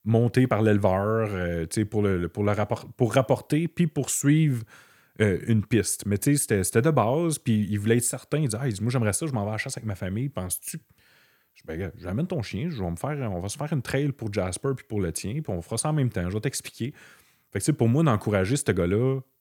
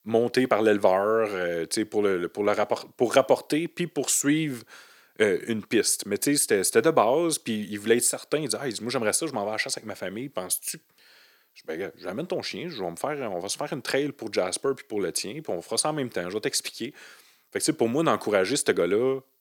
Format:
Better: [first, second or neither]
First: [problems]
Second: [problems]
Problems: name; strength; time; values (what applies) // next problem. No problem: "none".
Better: first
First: none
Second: thin; somewhat; fading below 400 Hz